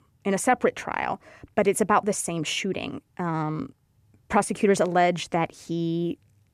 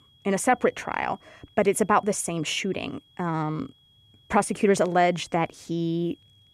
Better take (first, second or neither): first